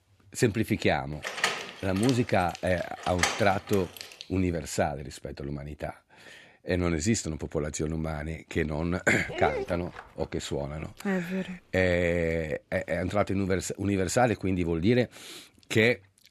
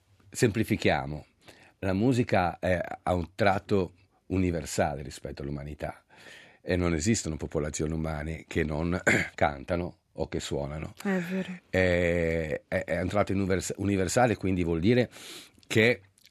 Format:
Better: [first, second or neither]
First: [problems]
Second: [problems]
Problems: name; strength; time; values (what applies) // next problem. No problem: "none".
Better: second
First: door banging; loud; from 1 to 4 s; peak level with the speech // dog barking; noticeable; at 9 s; peak 3 dB below the speech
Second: none